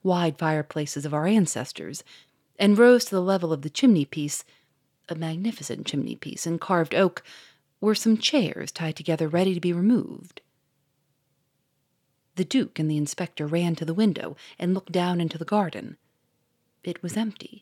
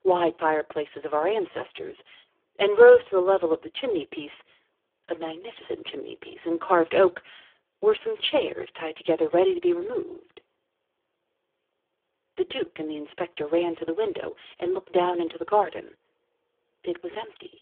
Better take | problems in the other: first | phone-call audio; poor line; nothing above 3.5 kHz

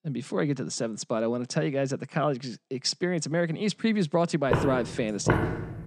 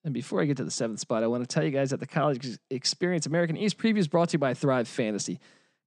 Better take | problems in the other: second | footsteps; loud; from 4.5 s on; peak 2 dB above the speech

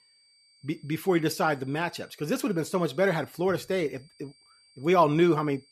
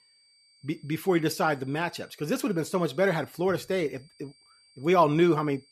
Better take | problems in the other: neither | high-pitched whine; faint; throughout; 4.5 kHz, 30 dB below the speech; the same in both

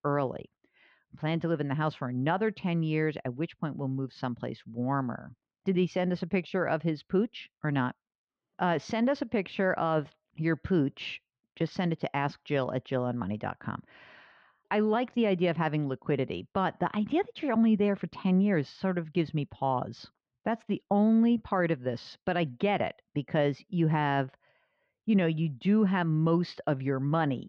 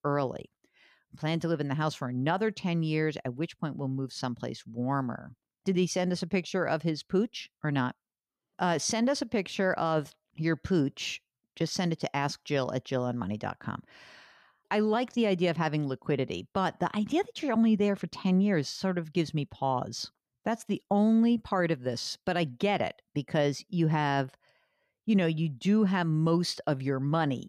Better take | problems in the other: second | muffled; slightly; fading above 3 kHz

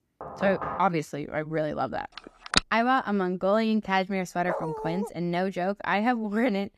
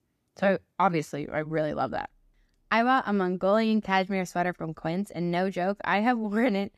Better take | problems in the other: second | door banging; noticeable; at the start; peak 7 dB below the speech // phone ringing; loud; at 2.5 s; peak 2 dB above the speech // dog barking; noticeable; at 4.5 s; peak 5 dB below the speech

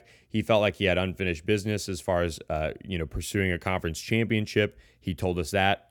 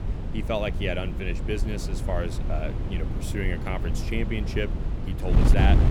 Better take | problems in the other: first | wind noise on the microphone; heavy; 6 dB below the speech

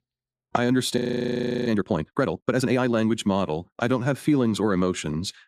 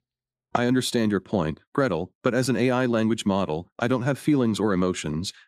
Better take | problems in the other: second | audio freezing; at 1 s for 0.5 s

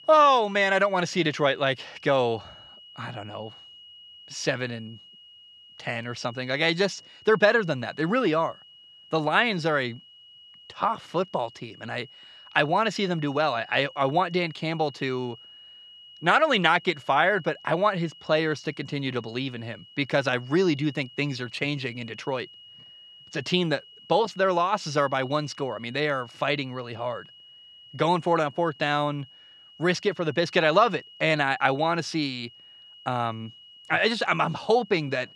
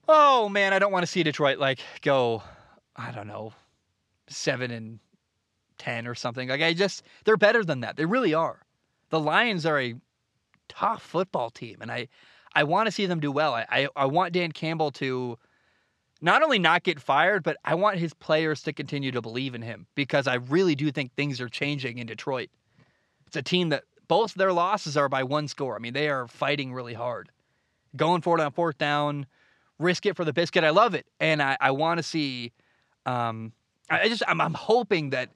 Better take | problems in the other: second | high-pitched whine; faint; throughout; 3 kHz, 20 dB below the speech

